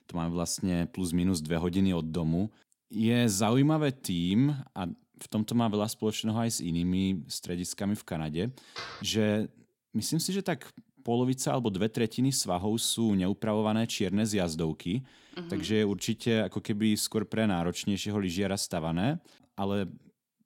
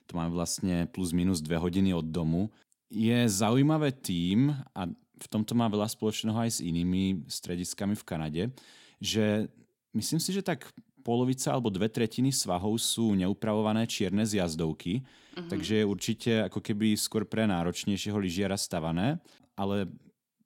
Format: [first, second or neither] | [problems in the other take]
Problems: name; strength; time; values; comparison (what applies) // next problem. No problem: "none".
second | door banging; faint; at 9 s; peak 10 dB below the speech